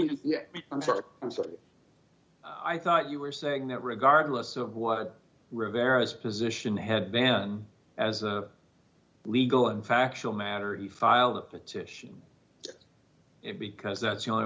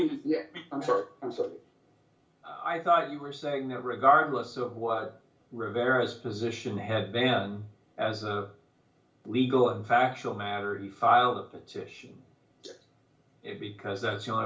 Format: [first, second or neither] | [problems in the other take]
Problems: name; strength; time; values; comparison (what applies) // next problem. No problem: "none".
first | room echo; dies away in 0.3 s